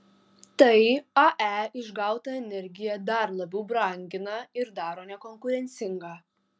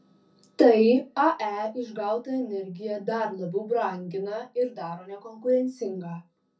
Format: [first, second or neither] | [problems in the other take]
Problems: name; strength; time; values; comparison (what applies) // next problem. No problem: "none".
first | room echo; dies away in 0.3 s